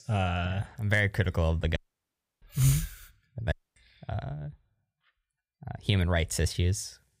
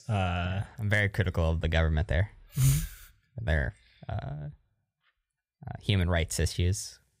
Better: second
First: audio cutting out; at 2 s for 0.5 s and at 3.5 s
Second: none

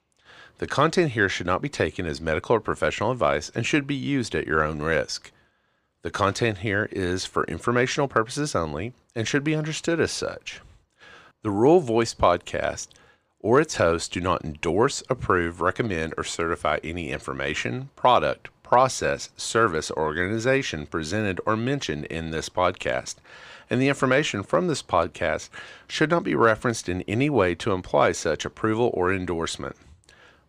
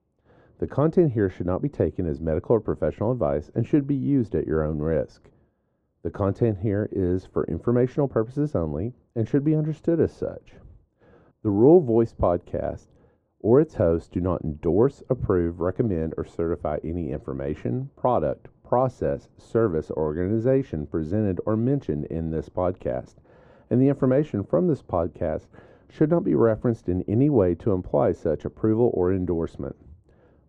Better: first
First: none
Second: muffled; very; fading above 1 kHz

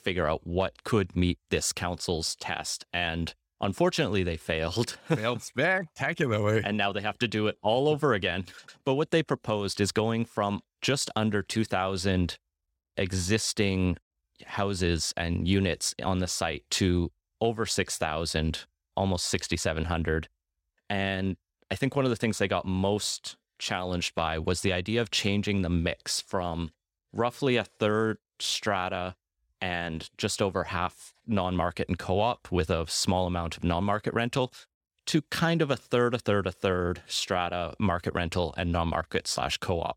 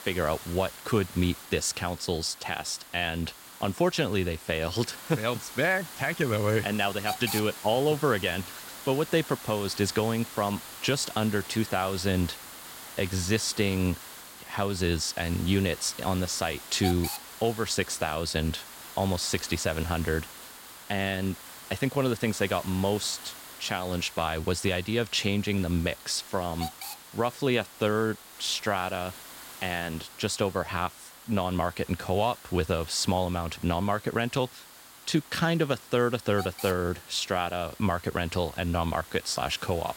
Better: first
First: none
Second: hiss; noticeable; throughout; 15 dB below the speech

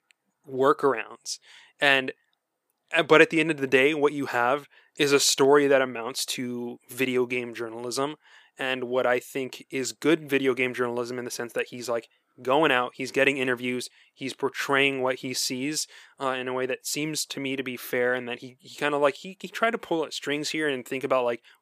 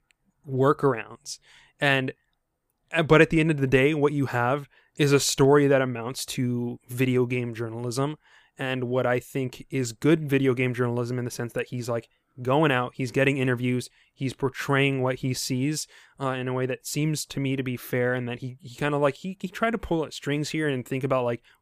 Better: second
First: thin; somewhat; fading below 350 Hz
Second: none

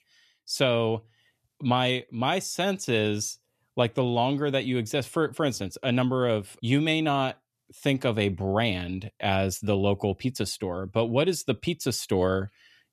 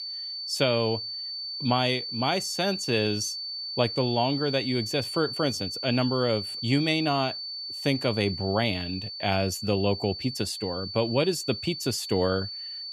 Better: first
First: none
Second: high-pitched whine; loud; throughout; 4.5 kHz, 5 dB below the speech

